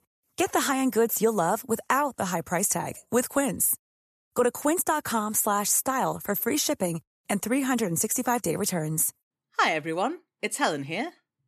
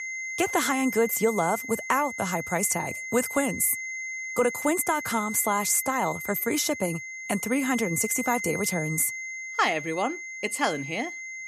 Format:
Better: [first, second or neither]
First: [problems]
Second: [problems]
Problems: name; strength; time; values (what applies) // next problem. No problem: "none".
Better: first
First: none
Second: high-pitched whine; loud; throughout; 2 kHz, 7 dB below the speech